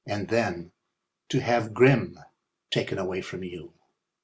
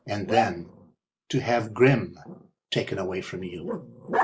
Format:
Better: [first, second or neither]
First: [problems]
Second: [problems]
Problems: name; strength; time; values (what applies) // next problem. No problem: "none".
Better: first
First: none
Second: noise reduction (neural mask model Resemble Enhance denoiser)